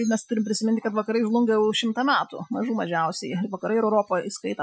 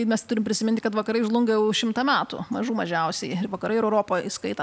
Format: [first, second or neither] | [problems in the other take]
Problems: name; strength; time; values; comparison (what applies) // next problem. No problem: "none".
second | noise reduction (classical method Wiener filter)